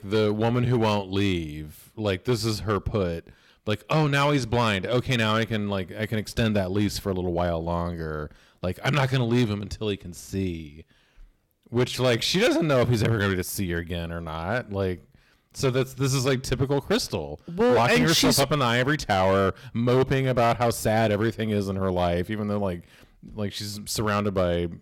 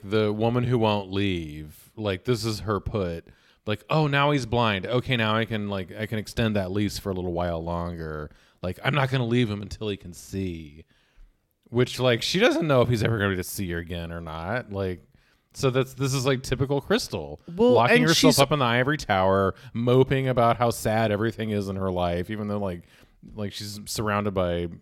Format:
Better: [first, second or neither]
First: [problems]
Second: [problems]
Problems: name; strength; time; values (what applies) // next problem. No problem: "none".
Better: second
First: distortion; slight; 6% of the sound clipped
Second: none